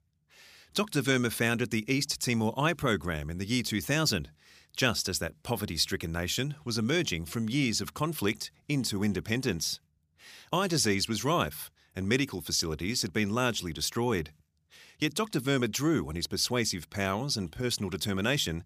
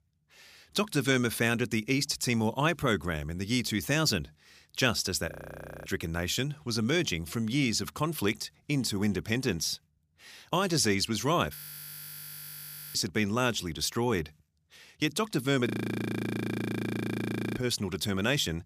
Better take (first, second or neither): first